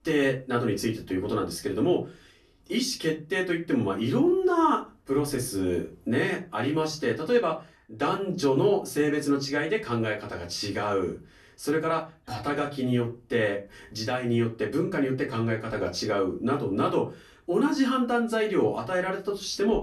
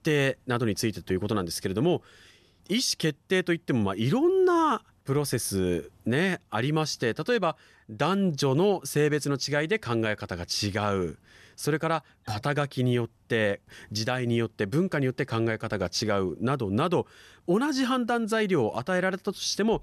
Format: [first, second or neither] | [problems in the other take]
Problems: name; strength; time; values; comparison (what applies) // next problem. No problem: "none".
second | off-mic speech; far // room echo; very slight; dies away in 0.2 s